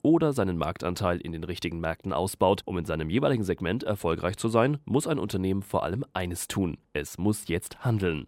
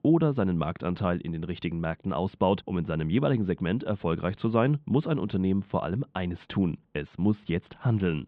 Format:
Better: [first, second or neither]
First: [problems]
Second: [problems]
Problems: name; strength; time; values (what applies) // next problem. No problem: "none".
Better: first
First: none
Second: muffled; very; fading above 3.5 kHz